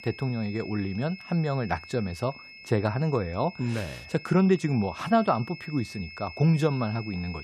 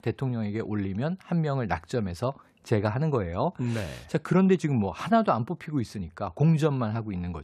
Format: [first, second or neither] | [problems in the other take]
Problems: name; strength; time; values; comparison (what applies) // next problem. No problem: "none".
second | high-pitched whine; noticeable; throughout; 2.5 kHz, 15 dB below the speech